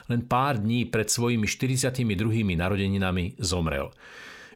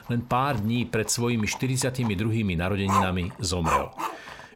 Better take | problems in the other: first | animal sounds; loud; throughout; 4 dB below the speech

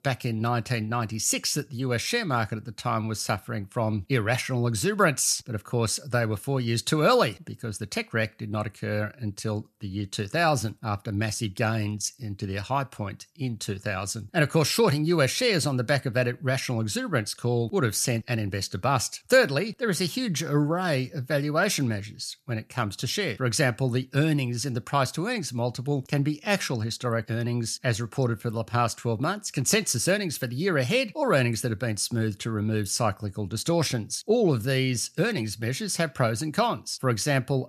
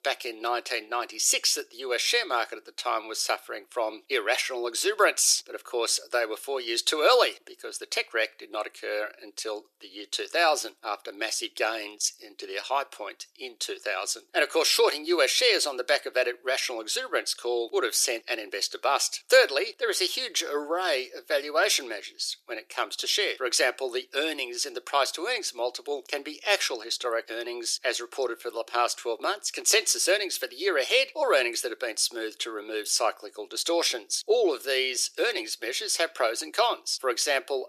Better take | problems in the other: first | thin; very; fading below 350 Hz

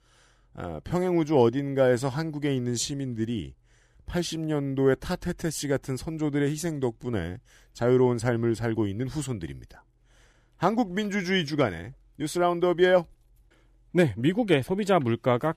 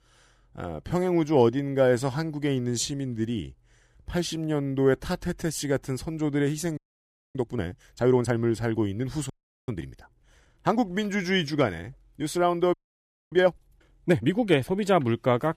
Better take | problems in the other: first | audio freezing; at 7 s for 0.5 s, at 9.5 s and at 13 s for 0.5 s

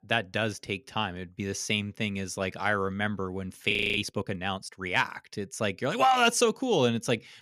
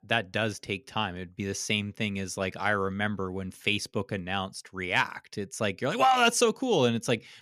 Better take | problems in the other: second | audio freezing; at 3.5 s

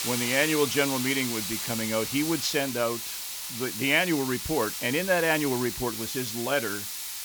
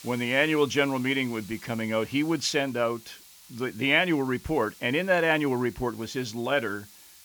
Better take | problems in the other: second | hiss; loud; throughout; 4 dB below the speech; faint in the second

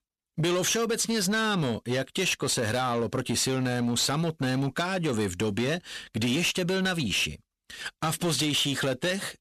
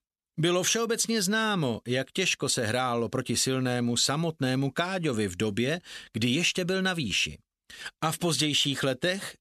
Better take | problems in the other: second | distortion; slight; 10 dB below the speech

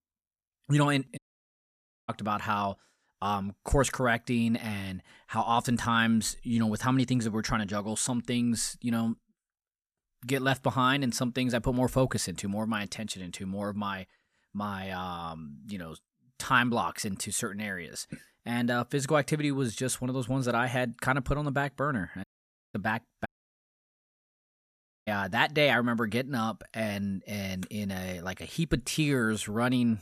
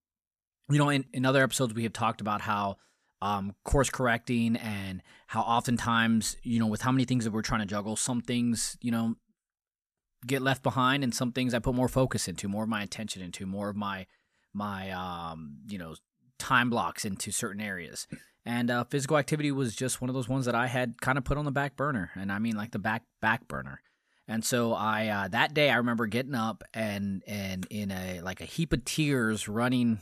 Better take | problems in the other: second | audio cutting out; at 1 s for 1 s, at 22 s for 0.5 s and at 23 s for 2 s

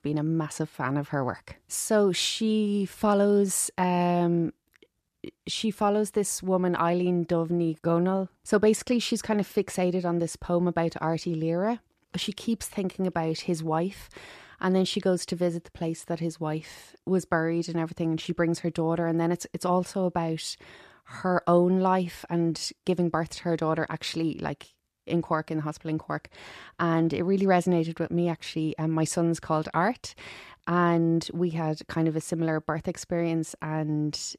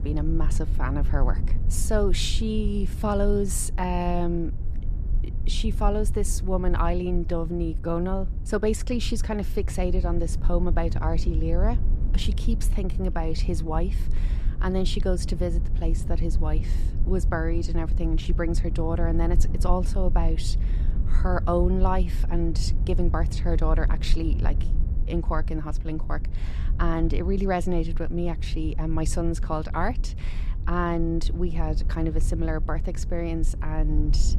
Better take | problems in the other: first | low rumble; noticeable; throughout; 15 dB below the speech

